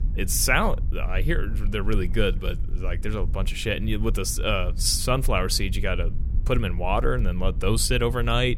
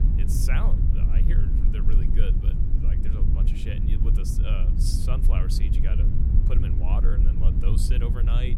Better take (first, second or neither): first